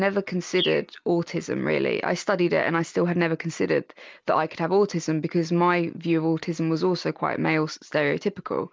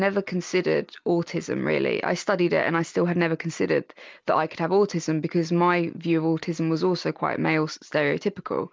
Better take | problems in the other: second | background sound (Bird); 13 dB below the speech

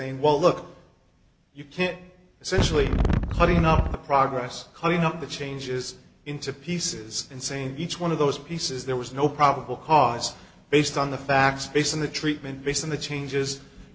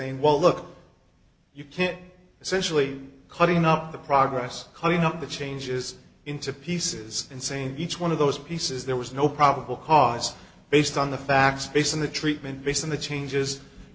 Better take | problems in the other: second | background sound (Wind); 2 dB above the speech

